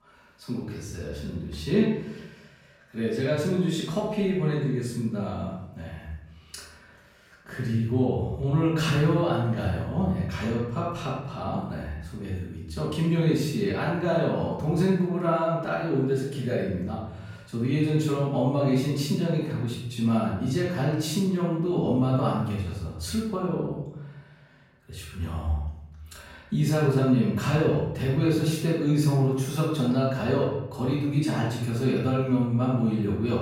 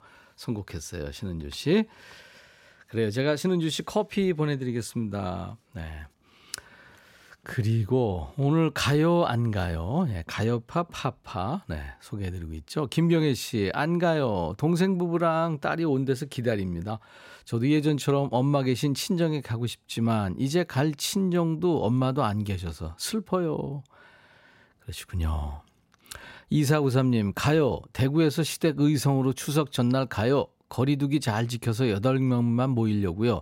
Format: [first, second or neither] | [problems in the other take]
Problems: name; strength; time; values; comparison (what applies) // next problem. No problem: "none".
second | off-mic speech; far // room echo; noticeable; dies away in 0.8 s